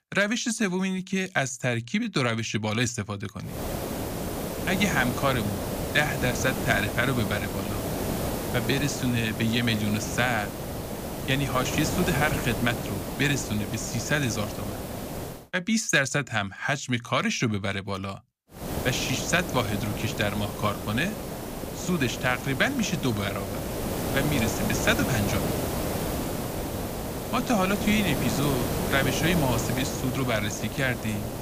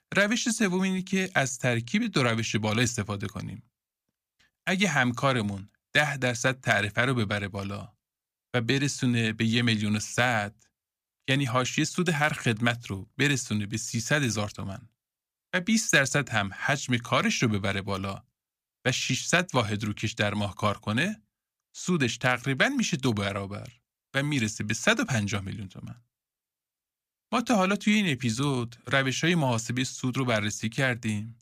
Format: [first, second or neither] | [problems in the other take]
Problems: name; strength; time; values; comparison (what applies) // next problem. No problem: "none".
second | hiss; loud; from 3.5 to 15 s and from 19 s on; 4 dB below the speech